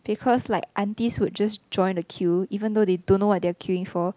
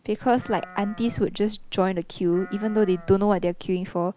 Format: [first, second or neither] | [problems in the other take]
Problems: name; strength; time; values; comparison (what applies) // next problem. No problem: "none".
first | background sound (Livestock, farm animals, working animals); 18 dB below the speech